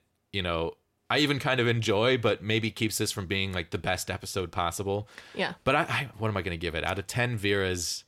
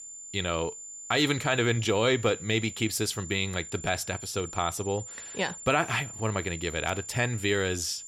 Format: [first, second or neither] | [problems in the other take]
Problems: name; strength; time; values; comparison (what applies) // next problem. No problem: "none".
first | high-pitched whine; noticeable; throughout; 7 kHz, 10 dB below the speech